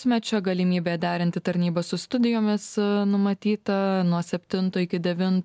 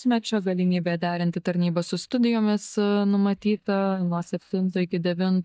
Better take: first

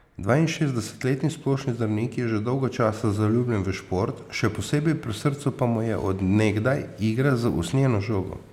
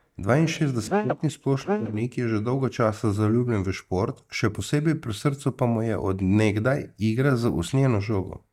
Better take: first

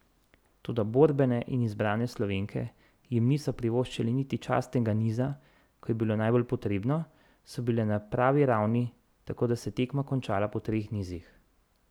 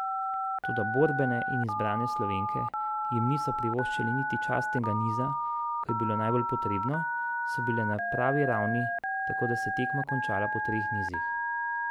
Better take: first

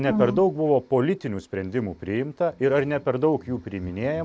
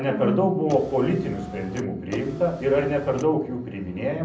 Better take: first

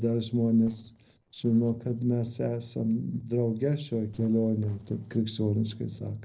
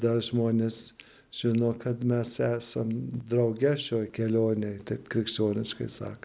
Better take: second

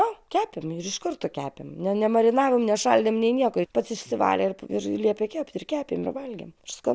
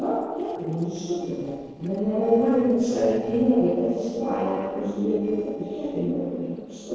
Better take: first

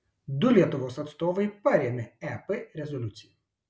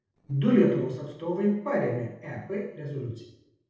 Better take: first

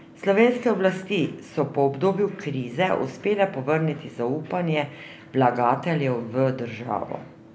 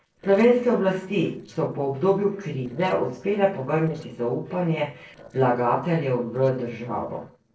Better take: first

